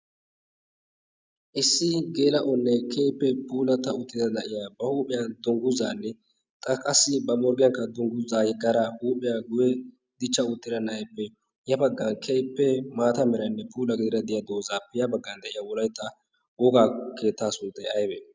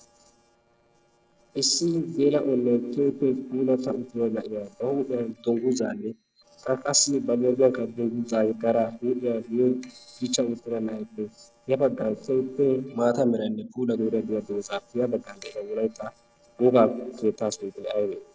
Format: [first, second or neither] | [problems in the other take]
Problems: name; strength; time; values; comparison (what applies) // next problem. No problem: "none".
first | noise reduction (neural separator model SepFormer DNS4)